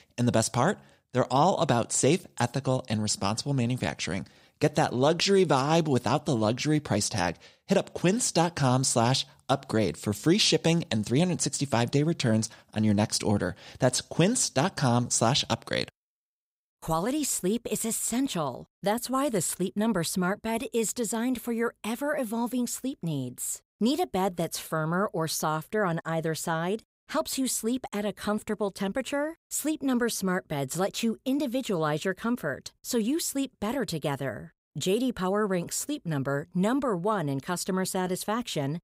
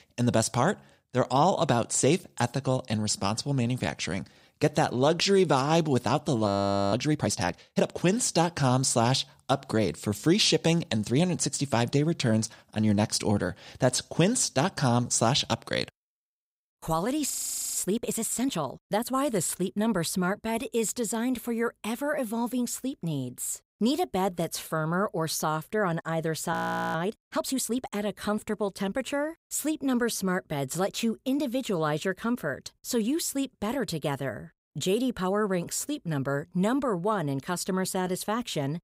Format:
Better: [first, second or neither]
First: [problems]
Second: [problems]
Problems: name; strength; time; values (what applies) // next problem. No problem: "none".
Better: first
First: none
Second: audio freezing; at 6.5 s, at 17 s and at 27 s